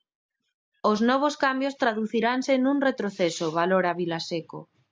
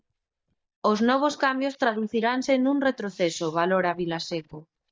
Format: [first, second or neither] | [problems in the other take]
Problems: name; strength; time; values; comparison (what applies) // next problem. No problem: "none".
first | noise reduction (neural mask model DeepFilterNet 3)